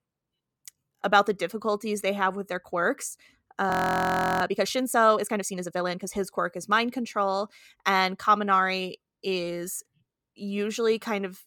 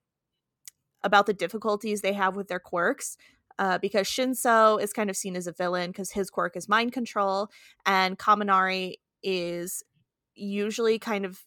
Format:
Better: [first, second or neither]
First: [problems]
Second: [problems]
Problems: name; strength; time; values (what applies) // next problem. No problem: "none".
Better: second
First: audio freezing; at 3.5 s for 0.5 s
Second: none